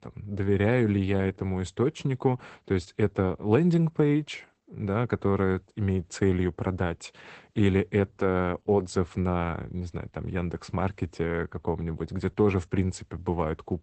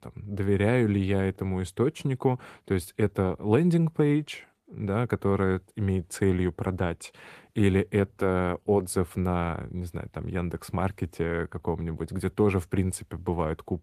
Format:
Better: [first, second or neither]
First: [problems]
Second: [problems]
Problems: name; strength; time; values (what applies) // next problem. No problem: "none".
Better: second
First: garbled, watery; badly; nothing above 8 kHz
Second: garbled, watery; slightly; nothing above 14.5 kHz